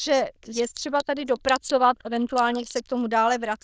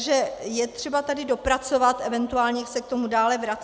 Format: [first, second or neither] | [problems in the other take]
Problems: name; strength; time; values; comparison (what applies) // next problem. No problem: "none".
second | noise reduction (neural diffusion model UNIVERSE++)